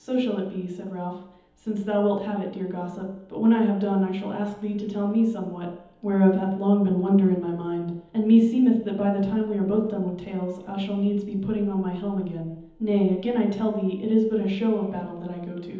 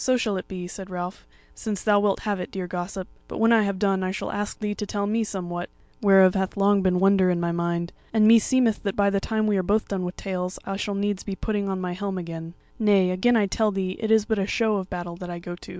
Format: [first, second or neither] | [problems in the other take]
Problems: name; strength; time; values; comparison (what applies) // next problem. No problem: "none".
second | room echo; dies away in 1.3 s